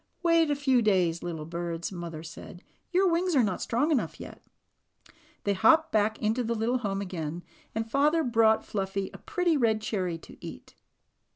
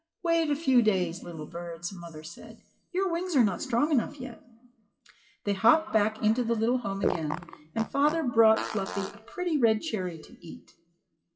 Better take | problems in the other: first | noise reduction (classical method WPE with log-MMSE)

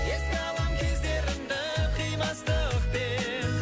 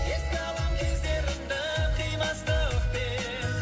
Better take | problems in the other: first | room echo; dies away in 2.4 s

